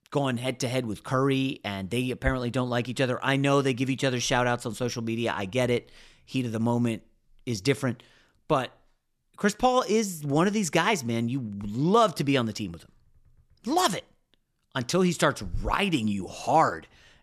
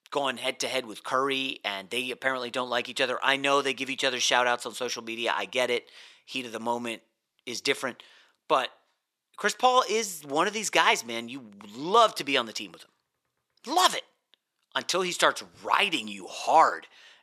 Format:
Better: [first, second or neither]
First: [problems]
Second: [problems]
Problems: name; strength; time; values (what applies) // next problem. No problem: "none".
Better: first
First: none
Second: thin; somewhat; fading below 450 Hz